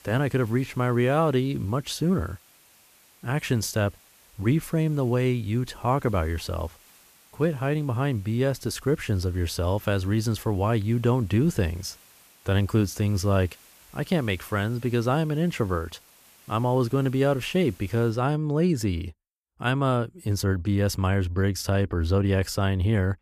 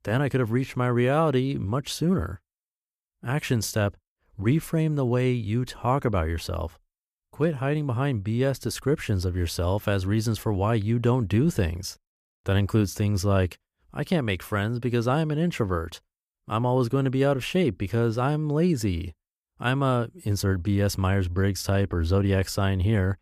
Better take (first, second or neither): second